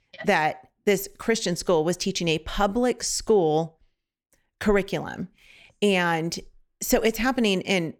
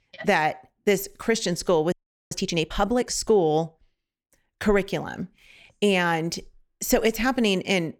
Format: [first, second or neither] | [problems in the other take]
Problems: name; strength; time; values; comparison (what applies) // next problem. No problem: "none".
first | audio freezing; at 2 s